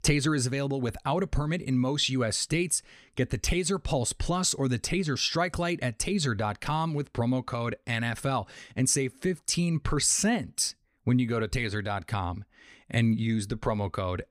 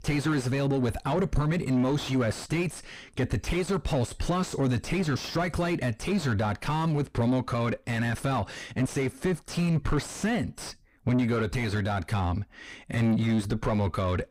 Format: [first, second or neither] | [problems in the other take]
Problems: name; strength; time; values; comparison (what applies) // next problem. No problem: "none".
first | distortion; heavy; 5 dB below the speech